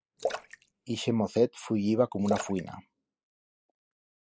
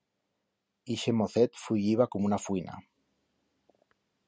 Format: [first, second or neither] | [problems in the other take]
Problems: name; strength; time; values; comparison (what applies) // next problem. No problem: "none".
second | noise reduction (neural mask model Resemble Enhance denoiser)